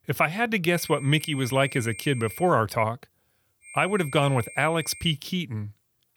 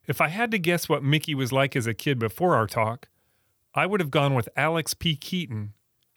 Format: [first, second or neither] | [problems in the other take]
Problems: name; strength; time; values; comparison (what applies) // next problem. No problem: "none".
second | high-pitched whine; noticeable; from 0.5 to 2.5 s and from 3.5 to 5 s; 2.5 kHz, 15 dB below the speech